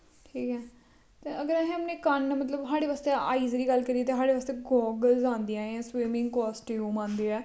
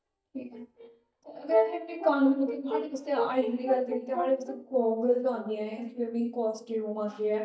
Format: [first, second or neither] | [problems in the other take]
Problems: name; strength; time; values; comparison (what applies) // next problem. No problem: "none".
first | noise reduction (neural mask model DeepFilterNet 3)